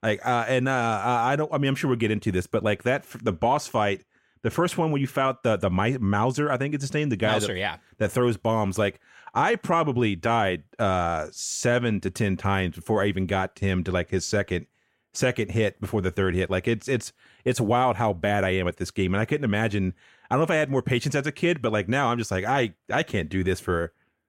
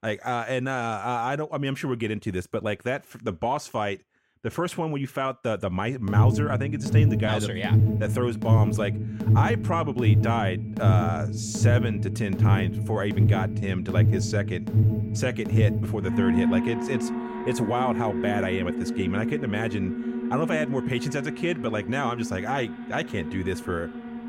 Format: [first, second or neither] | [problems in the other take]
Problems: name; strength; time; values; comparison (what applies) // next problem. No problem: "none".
first | alarms or sirens; very loud; from 6 s on; 3 dB above the speech